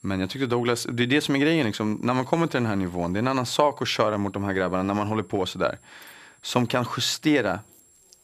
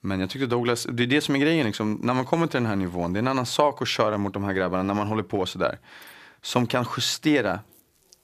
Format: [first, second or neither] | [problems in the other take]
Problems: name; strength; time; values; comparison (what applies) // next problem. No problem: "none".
second | high-pitched whine; faint; throughout; 7.5 kHz, 30 dB below the speech